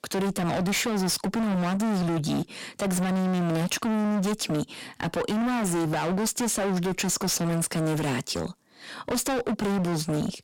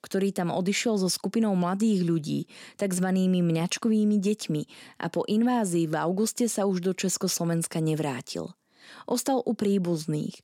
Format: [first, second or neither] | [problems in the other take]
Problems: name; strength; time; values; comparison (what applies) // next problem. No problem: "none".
second | distortion; heavy; 41% of the sound clipped